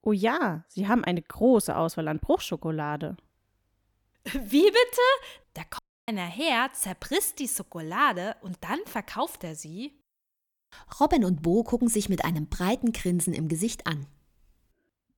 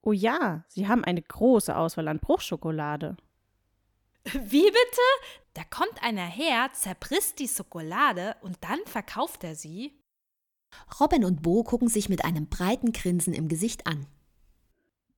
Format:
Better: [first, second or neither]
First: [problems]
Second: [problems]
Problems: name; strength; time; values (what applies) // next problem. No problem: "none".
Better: second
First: audio cutting out; at 6 s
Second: none